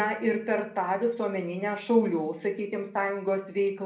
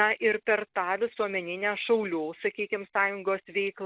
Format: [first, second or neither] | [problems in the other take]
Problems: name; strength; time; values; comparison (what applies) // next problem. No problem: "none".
second | room echo; dies away in 0.6 s